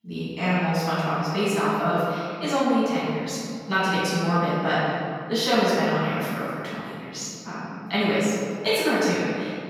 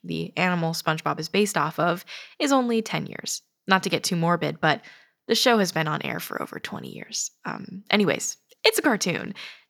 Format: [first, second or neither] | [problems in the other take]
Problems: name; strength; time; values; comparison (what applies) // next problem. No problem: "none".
second | off-mic speech; far // room echo; strong; dies away in 2.2 s